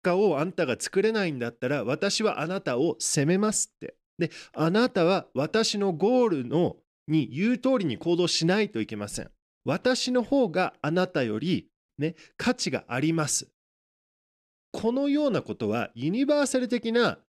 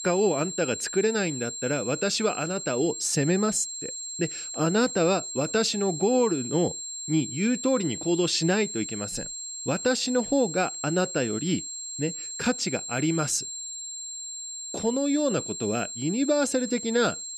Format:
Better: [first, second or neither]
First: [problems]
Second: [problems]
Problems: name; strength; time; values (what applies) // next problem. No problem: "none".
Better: first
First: none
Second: high-pitched whine; loud; throughout; 7.5 kHz, 7 dB below the speech